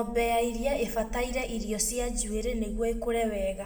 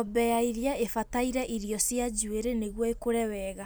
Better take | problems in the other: second | room echo; dies away in 0.6 s

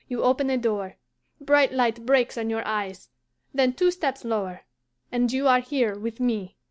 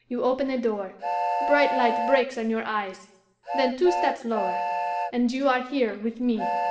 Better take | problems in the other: first | background sound (Train); 4 dB below the speech // room echo; dies away in 0.8 s

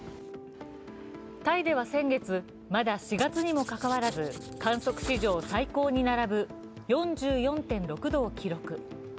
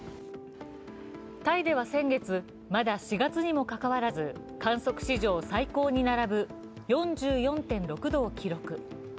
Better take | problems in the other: second | background sound (Writing); 14 dB below the speech

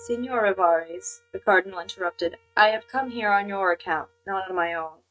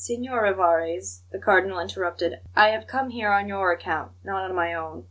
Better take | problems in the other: second | noise reduction (neural mask model RNNoise)

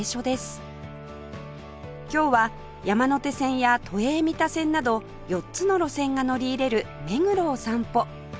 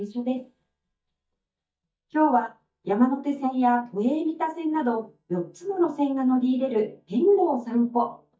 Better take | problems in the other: first | noise reduction (neural mask model DeepFilterNet 3)

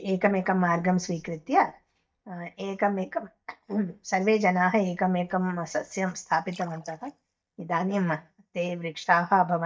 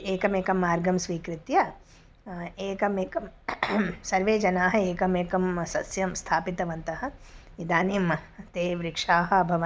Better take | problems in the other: second | noise reduction (neural mask model DeepFilterNet 3)

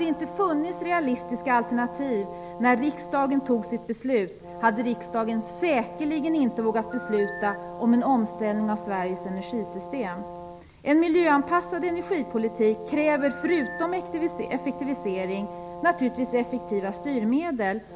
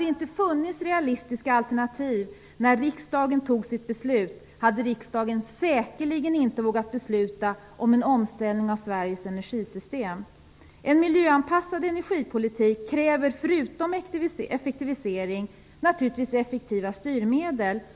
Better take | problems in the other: second | background sound (Telephone + Brass instrument); 12 dB below the speech

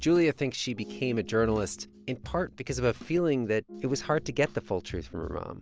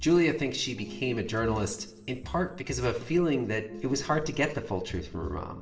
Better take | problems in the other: first | room echo; dies away in 0.6 s

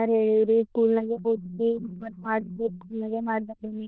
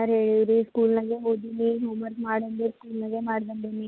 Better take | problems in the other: second | noise reduction (neural diffusion model UNIVERSE++)

